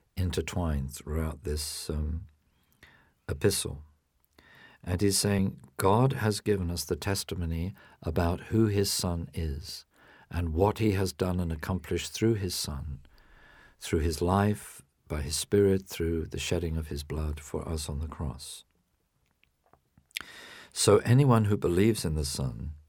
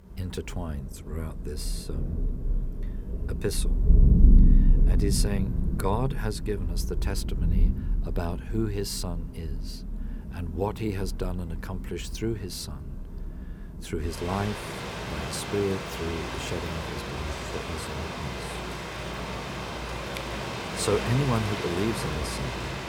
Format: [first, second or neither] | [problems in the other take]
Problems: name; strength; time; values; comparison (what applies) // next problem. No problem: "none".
first | rain or running water; very loud; throughout; 3 dB above the speech